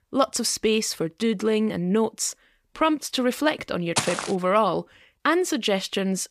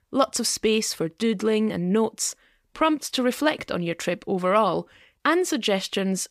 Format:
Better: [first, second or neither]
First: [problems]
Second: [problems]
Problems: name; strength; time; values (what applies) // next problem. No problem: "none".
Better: second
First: footsteps; noticeable; at 4 s; peak 2 dB below the speech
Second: none